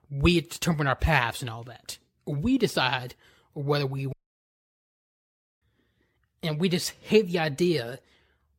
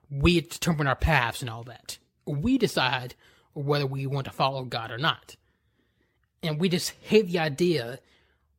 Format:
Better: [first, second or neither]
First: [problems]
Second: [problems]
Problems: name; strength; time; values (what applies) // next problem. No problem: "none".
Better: second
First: audio cutting out; at 4 s for 1.5 s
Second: none